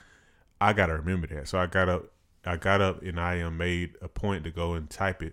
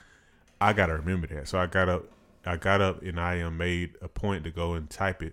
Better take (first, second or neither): first